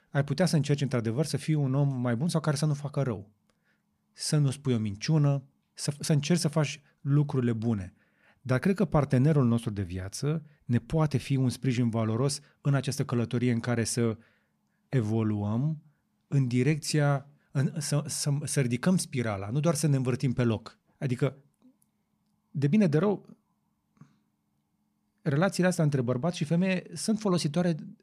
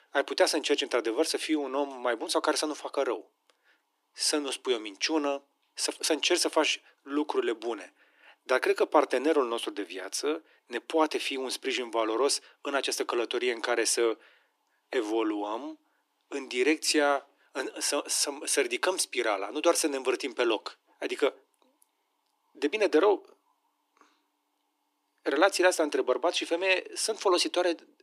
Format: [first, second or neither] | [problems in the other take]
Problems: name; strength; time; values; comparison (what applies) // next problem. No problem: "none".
first | thin; very; fading below 300 Hz